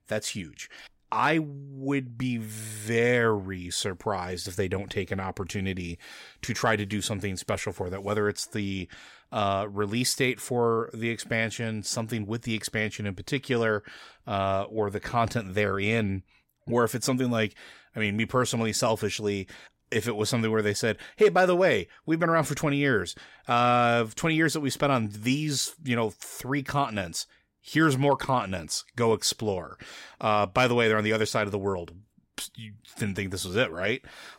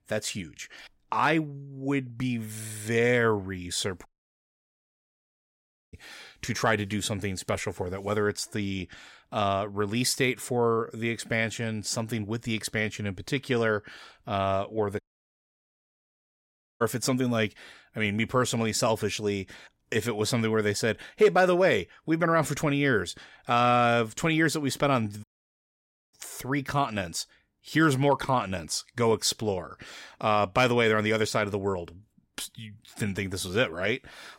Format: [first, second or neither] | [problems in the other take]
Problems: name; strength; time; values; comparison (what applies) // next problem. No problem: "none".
first | audio cutting out; at 4 s for 2 s, at 15 s for 2 s and at 25 s for 1 s